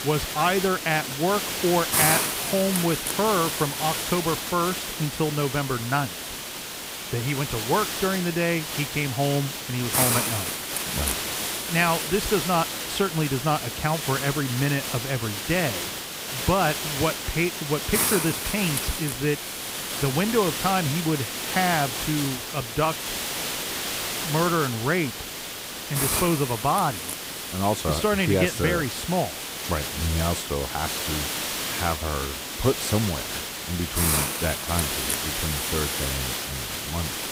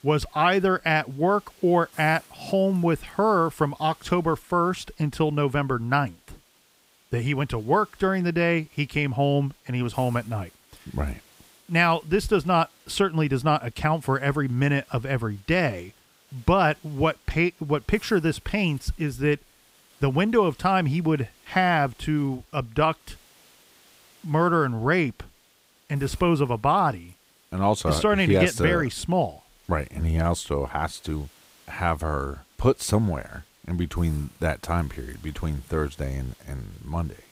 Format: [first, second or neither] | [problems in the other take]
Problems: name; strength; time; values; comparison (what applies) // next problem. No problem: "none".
second | hiss; loud; throughout; 1 dB below the speech; faint in the second